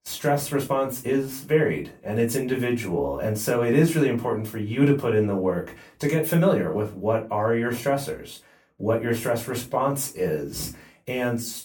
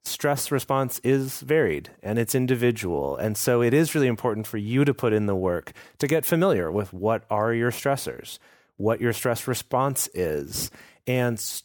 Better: second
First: off-mic speech; far // room echo; very slight; dies away in 0.2 s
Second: none

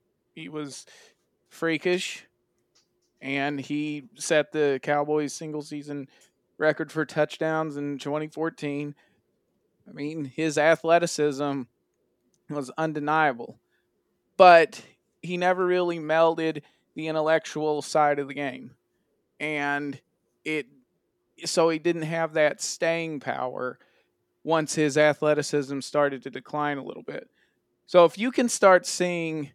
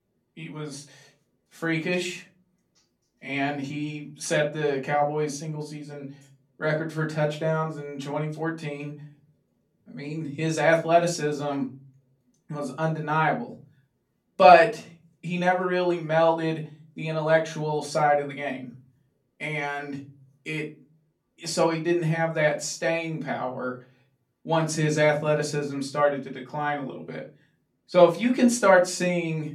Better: first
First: none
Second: off-mic speech; far // room echo; very slight; dies away in 0.4 s

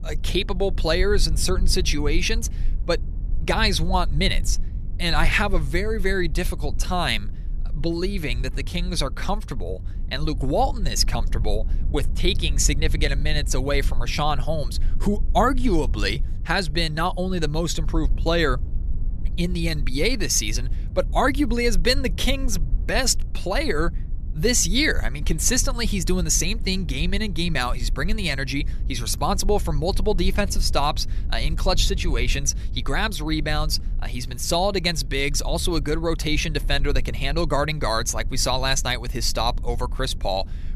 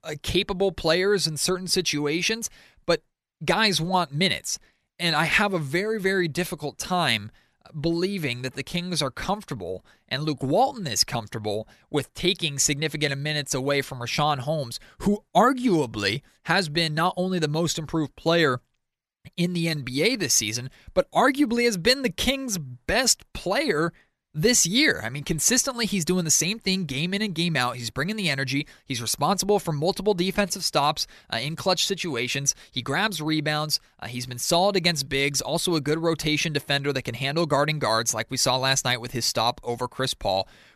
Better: second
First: low rumble; faint; throughout; 25 dB below the speech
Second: none

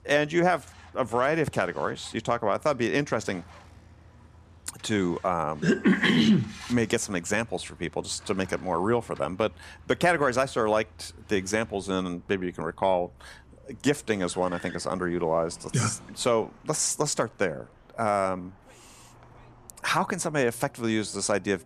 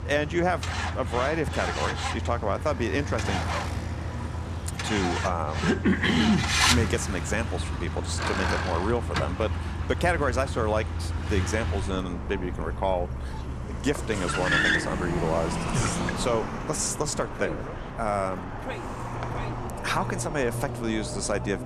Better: first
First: traffic noise; faint; throughout; 25 dB below the speech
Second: traffic noise; loud; throughout; 1 dB below the speech

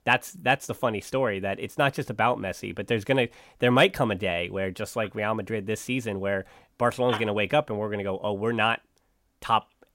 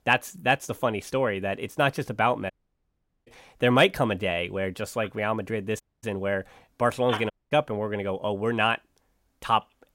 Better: first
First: none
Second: audio cutting out; at 2.5 s for 1 s, at 6 s and at 7.5 s

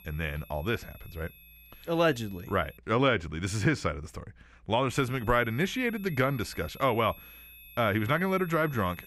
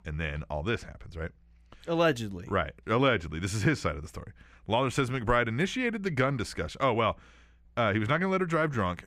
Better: second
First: high-pitched whine; faint; until 3 s and from 5 s on; 2.5 kHz, 20 dB below the speech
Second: none

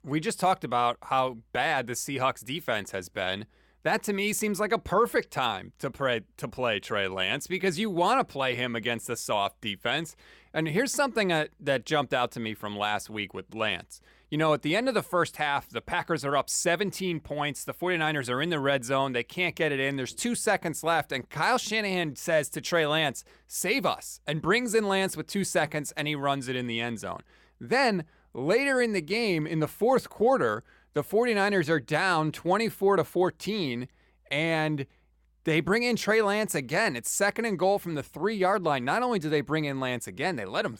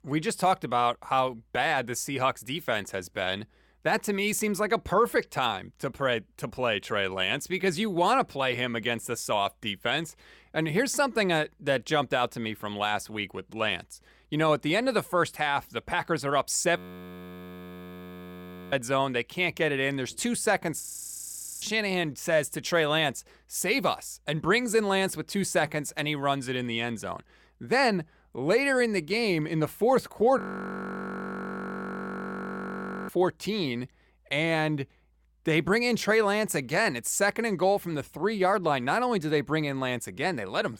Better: first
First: none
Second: audio freezing; at 17 s for 2 s, at 21 s for 1 s and at 30 s for 2.5 s

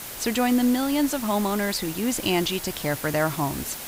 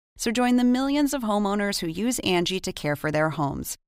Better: second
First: hiss; loud; throughout; 9 dB below the speech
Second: none

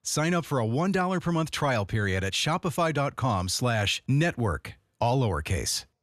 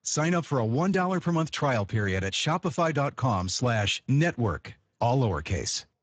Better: first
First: none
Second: garbled, watery; badly; nothing above 7.5 kHz

